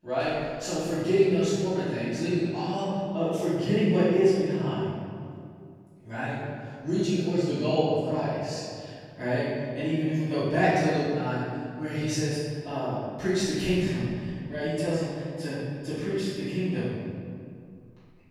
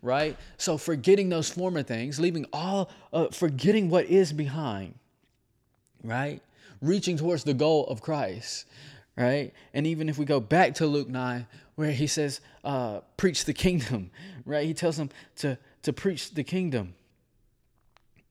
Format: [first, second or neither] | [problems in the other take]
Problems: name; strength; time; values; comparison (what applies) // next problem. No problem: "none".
second | off-mic speech; far // room echo; strong; dies away in 2 s